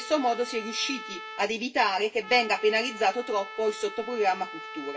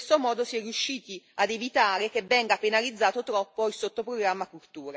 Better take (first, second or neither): second